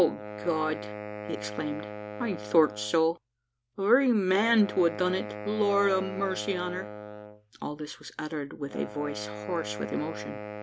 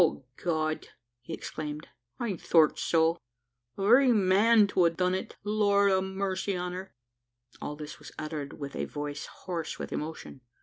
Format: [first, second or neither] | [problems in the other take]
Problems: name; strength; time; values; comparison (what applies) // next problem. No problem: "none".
second | background sound (Wind instrument, woodwind instrument); 11 dB below the speech